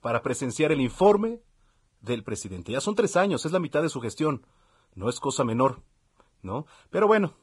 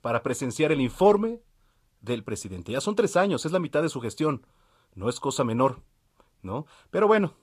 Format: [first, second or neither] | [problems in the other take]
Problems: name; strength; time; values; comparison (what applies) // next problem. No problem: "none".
second | garbled, watery; badly; nothing above 10.5 kHz; slightly in the second